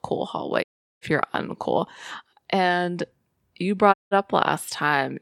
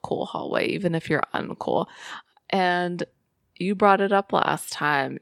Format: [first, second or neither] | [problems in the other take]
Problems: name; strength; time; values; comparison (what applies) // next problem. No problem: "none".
second | audio cutting out; at 0.5 s and at 4 s